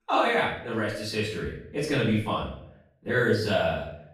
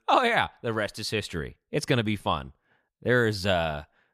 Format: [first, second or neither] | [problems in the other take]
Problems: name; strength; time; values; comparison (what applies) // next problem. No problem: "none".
second | off-mic speech; far // room echo; noticeable; dies away in 0.6 s